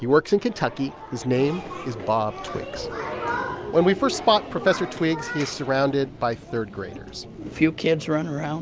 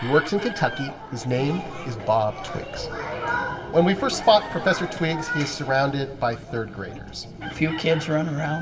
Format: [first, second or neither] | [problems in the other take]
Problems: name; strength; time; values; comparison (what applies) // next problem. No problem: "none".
first | background sound (Chicken, rooster); 17 dB below the speech // room echo; dies away in 1.8 s